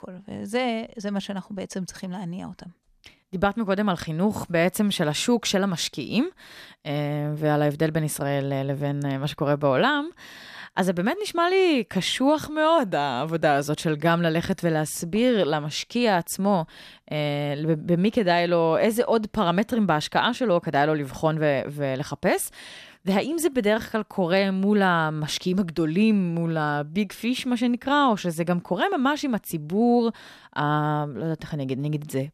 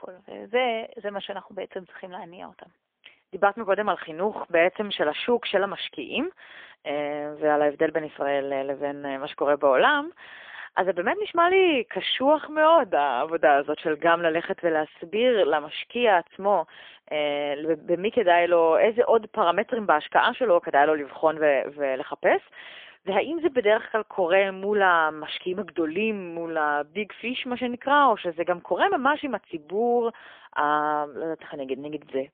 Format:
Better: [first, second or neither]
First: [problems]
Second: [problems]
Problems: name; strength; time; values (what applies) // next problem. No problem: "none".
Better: first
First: none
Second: phone-call audio; poor line; nothing above 3 kHz